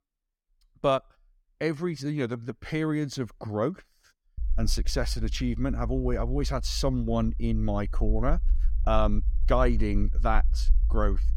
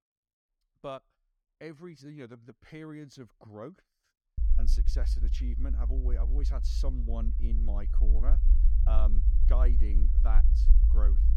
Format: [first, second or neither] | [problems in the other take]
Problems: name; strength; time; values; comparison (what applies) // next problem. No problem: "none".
first | low rumble; loud; from 4.5 s on; 6 dB below the speech; faint in the first